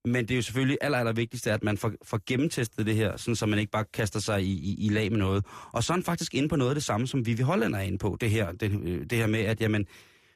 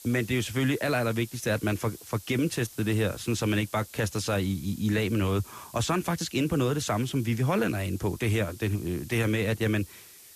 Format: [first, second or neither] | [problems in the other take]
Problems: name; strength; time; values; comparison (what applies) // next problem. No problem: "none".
first | hiss; noticeable; throughout; 20 dB below the speech